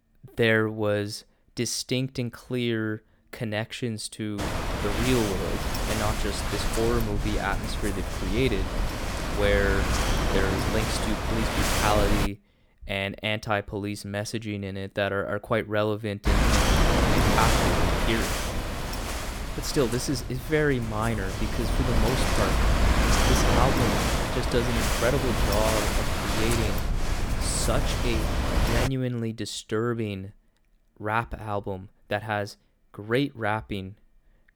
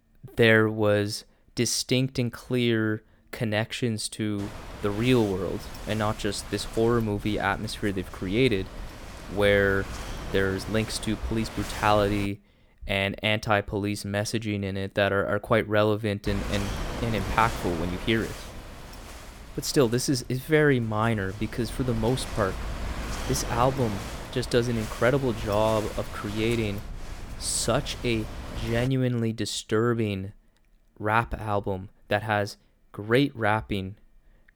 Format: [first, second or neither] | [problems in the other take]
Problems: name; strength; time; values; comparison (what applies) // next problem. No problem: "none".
second | wind noise on the microphone; heavy; from 4.5 to 12 s and from 16 to 29 s; 1 dB above the speech; occasional gusts in the second